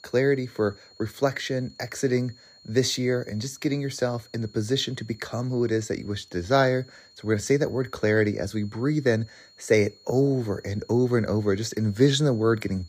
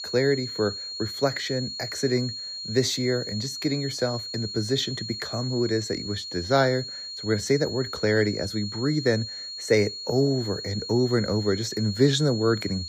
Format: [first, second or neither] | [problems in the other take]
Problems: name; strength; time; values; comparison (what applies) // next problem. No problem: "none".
first | high-pitched whine; loud; throughout; 4.5 kHz, 7 dB below the speech; faint in the first